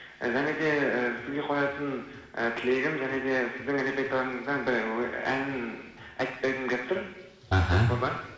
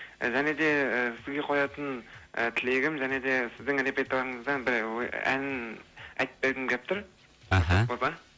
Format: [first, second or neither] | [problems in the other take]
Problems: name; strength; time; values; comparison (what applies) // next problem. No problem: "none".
second | room echo; dies away in 1.1 s